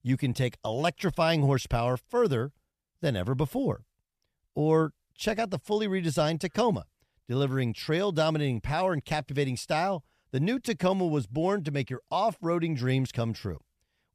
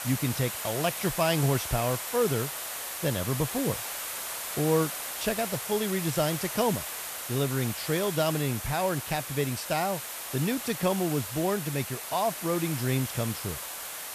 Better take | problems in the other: first | hiss; loud; throughout; 4 dB below the speech

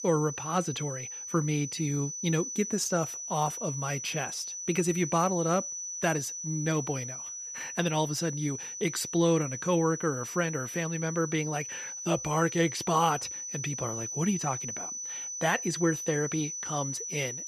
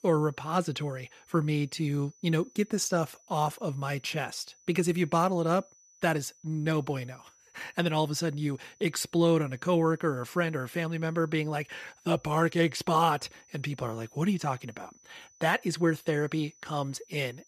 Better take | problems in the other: second | high-pitched whine; loud; throughout; 6 kHz, 5 dB below the speech; faint in the second

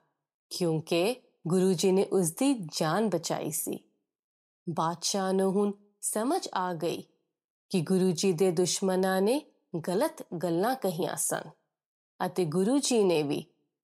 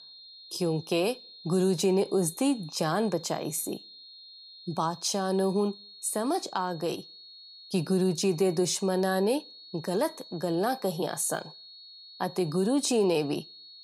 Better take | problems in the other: first | high-pitched whine; noticeable; throughout; 4.5 kHz, 20 dB below the speech

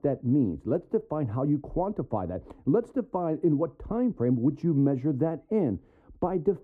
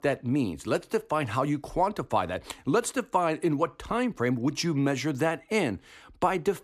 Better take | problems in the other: second | muffled; very; fading above 1.5 kHz

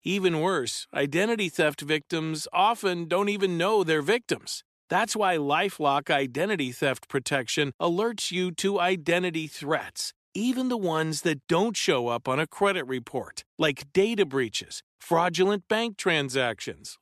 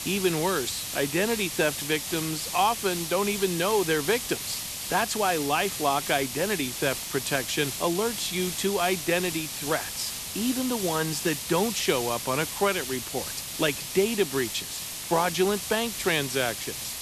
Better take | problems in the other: first | hiss; loud; throughout; 4 dB below the speech

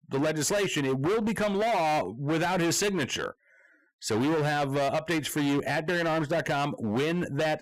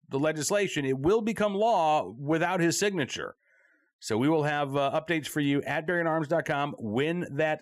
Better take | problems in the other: second | distortion; heavy; 26% of the sound clipped

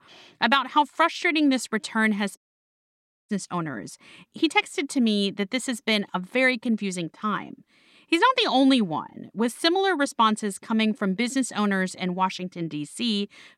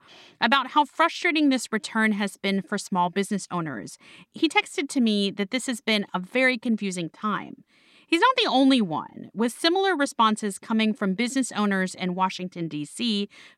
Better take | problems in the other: second | audio cutting out; at 2.5 s for 1 s

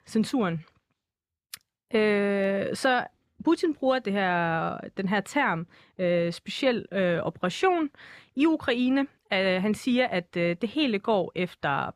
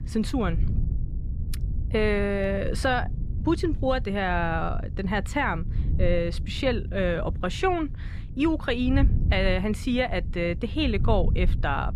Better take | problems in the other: first | wind noise on the microphone; occasional gusts; 20 dB below the speech

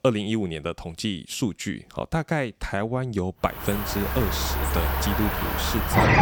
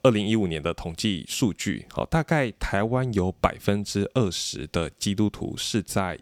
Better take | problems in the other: second | animal sounds; very loud; from 3.5 s on; 3 dB above the speech

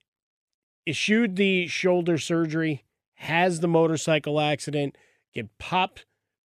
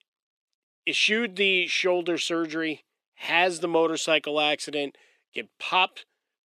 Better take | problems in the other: first | thin; somewhat; fading below 300 Hz

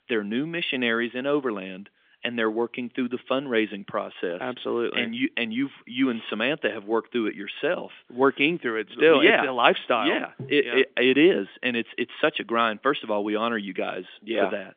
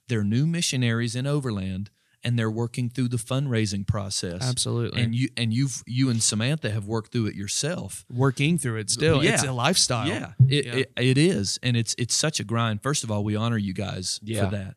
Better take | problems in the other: second | phone-call audio; nothing above 3.5 kHz

